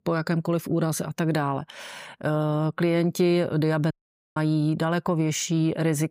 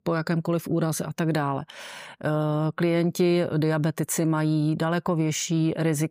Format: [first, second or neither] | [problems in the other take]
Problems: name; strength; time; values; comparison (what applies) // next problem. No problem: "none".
second | audio cutting out; at 4 s